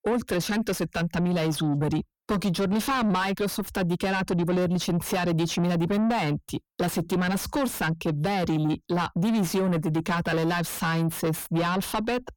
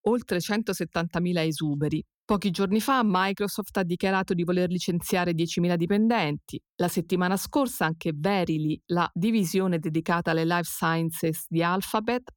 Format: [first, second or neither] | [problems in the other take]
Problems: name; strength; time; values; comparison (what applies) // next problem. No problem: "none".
second | distortion; heavy; 6 dB below the speech